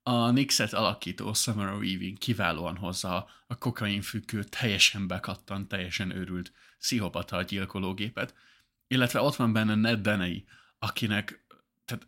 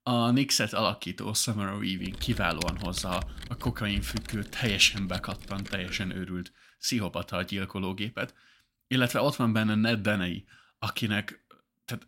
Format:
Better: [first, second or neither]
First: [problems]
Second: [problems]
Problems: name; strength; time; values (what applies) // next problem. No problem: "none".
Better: first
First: none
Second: keyboard typing; noticeable; from 2 to 6 s; peak 6 dB below the speech